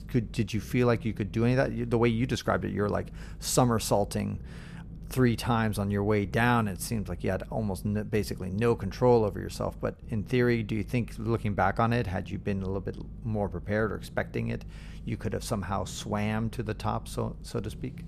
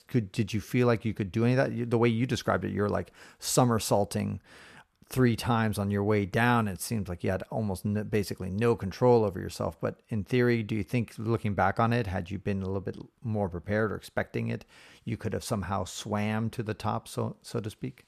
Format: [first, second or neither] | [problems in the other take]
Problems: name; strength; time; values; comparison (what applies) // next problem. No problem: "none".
second | low rumble; faint; throughout; 25 dB below the speech